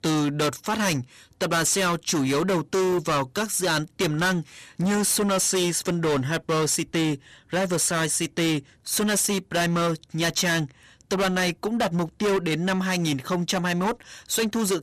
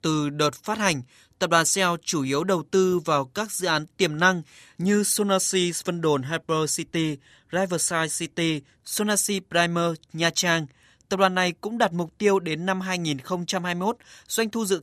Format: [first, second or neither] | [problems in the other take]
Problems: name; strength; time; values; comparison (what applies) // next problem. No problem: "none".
second | distortion; heavy; 22% of the sound clipped